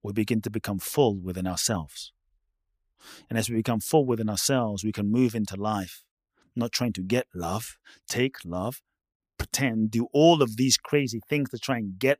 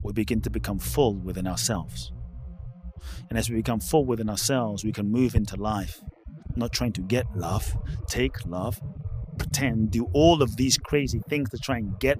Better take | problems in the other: first | low rumble; faint; throughout; 20 dB below the speech

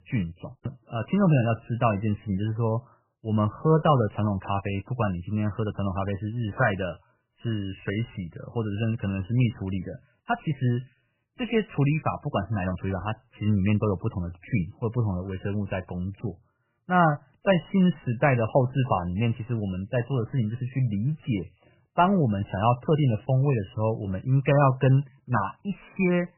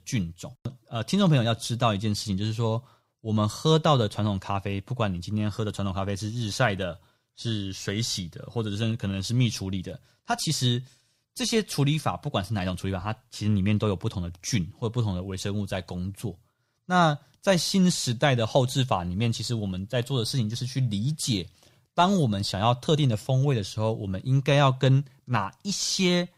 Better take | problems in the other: second | garbled, watery; badly; nothing above 3 kHz

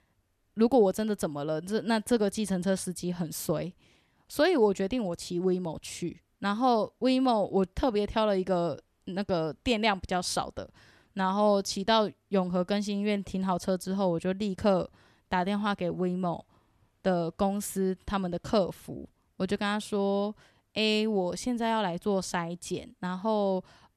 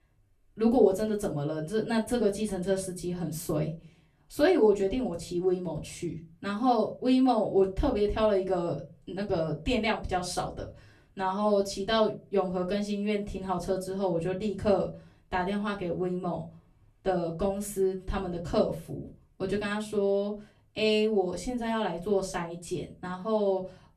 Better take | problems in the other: first | off-mic speech; far // room echo; very slight; dies away in 0.3 s

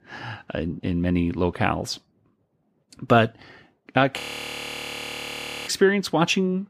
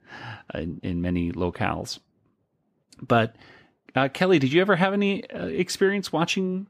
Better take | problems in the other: second | audio freezing; at 4 s for 1.5 s

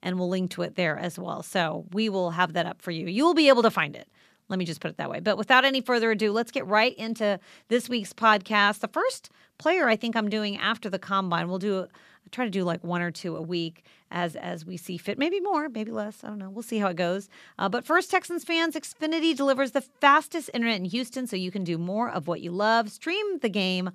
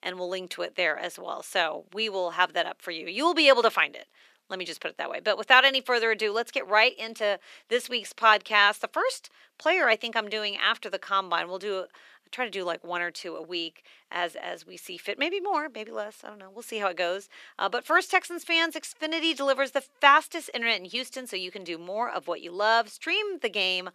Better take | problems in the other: first | thin; somewhat; fading below 400 Hz

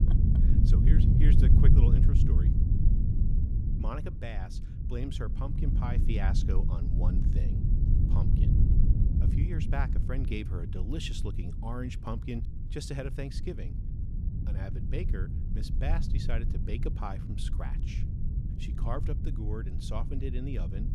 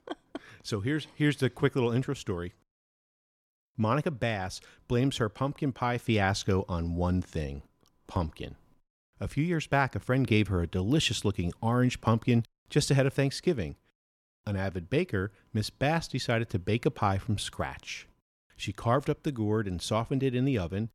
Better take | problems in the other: second | low rumble; loud; throughout; 1 dB below the speech

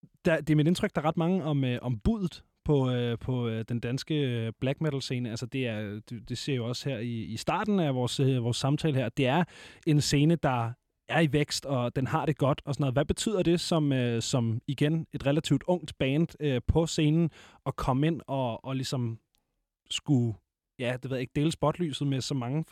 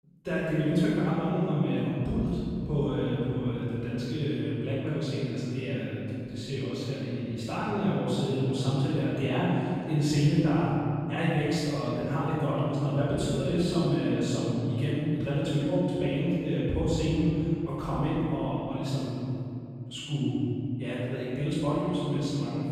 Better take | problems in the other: first | off-mic speech; far // room echo; strong; dies away in 2.8 s

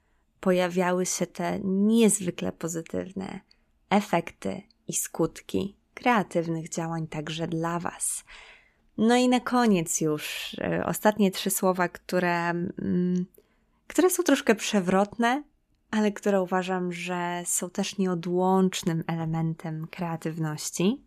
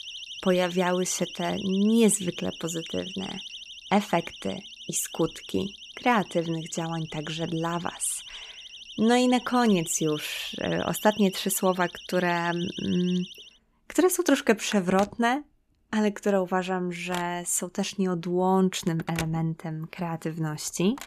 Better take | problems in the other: first | alarms or sirens; noticeable; throughout; 15 dB below the speech

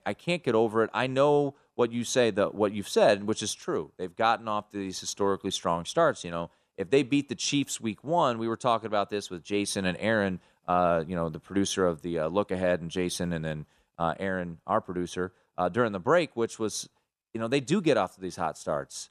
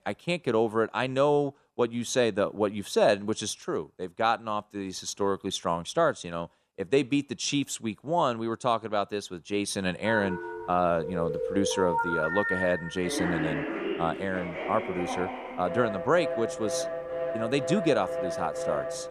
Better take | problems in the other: first | phone ringing; loud; from 10 s on; peak level with the speech

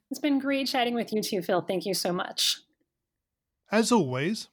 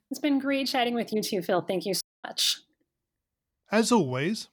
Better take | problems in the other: first | audio cutting out; at 2 s

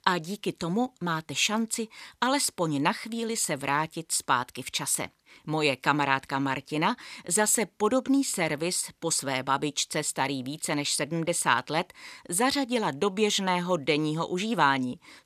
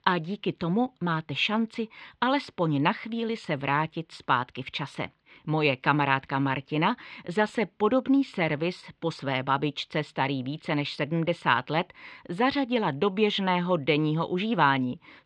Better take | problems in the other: first | muffled; slightly; fading above 3 kHz

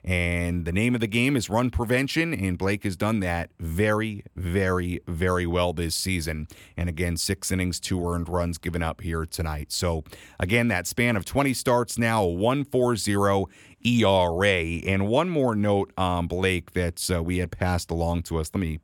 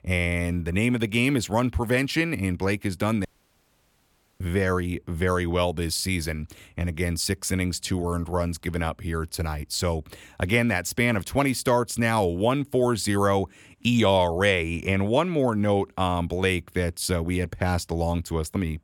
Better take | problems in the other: first | audio cutting out; at 3.5 s for 1 s

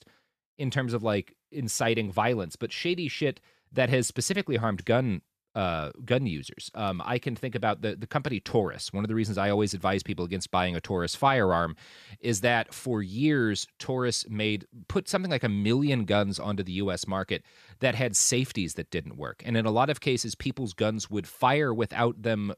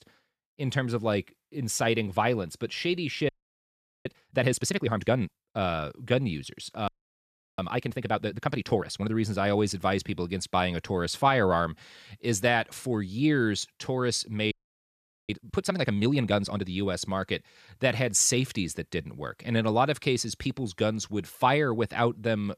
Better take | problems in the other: first | audio freezing; at 3.5 s for 1 s, at 7 s for 0.5 s and at 15 s for 1 s

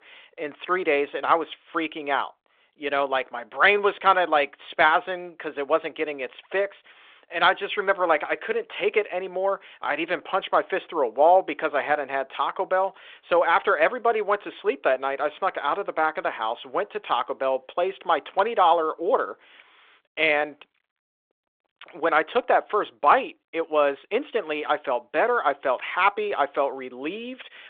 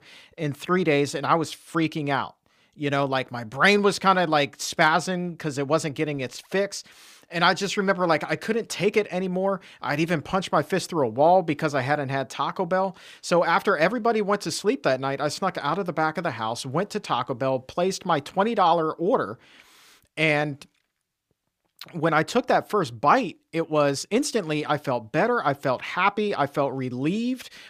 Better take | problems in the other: second | phone-call audio

